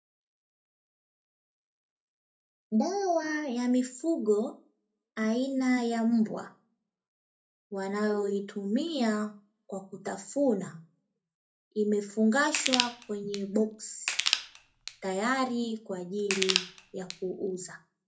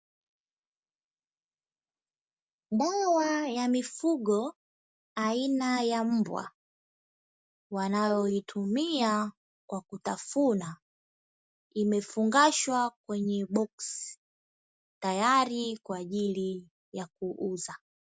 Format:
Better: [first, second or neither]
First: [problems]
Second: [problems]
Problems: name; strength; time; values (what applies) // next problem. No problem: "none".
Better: second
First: background sound (Crushing); 3 dB below the speech // room echo; dies away in 0.3 s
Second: none